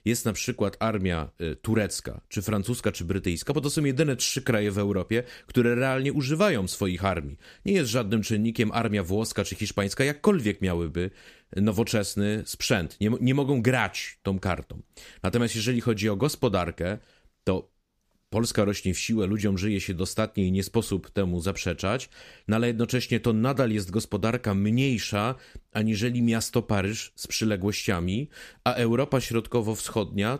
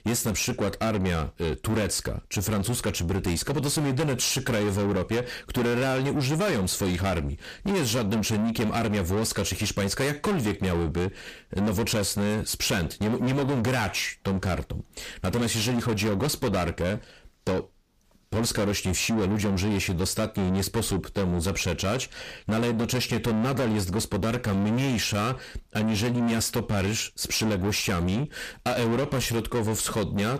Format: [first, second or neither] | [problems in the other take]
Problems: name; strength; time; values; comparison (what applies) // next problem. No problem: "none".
first | distortion; heavy; 6 dB below the speech